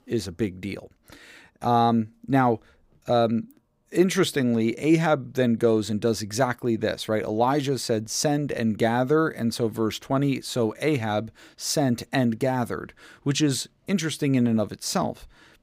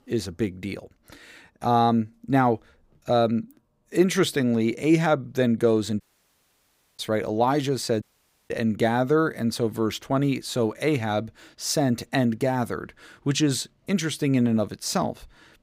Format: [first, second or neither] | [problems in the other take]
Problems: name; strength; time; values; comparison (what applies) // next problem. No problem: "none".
first | audio cutting out; at 6 s for 1 s and at 8 s